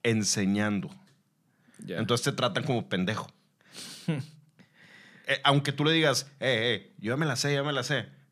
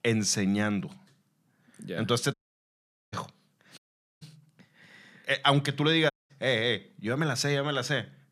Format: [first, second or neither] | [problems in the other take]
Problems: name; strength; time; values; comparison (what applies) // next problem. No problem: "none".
first | audio cutting out; at 2.5 s for 1 s, at 4 s and at 6 s